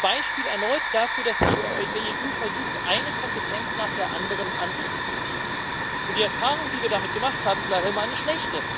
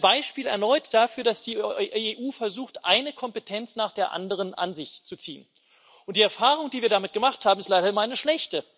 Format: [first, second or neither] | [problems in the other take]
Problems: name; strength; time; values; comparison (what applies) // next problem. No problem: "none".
second | background sound (Hiss / Fire); 1 dB above the speech